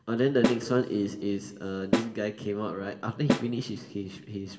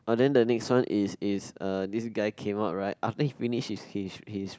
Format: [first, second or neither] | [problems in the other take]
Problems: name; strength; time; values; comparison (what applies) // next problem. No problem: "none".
second | background sound (Snare drum); 3 dB below the speech // room echo; dies away in 1.4 s